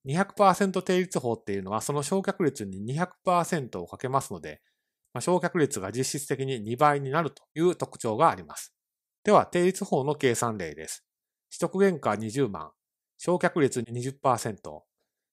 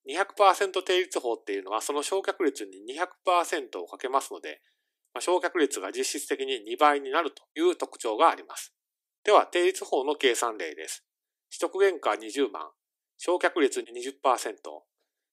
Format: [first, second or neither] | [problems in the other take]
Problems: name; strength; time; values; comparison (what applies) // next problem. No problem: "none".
first | thin; somewhat; fading below 300 Hz